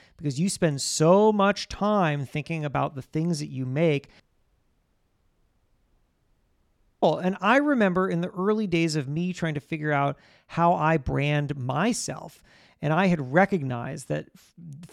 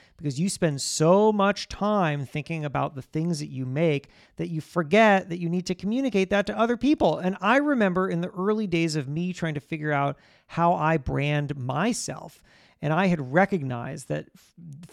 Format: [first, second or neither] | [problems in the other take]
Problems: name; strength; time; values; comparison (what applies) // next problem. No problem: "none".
second | audio cutting out; at 4 s for 3 s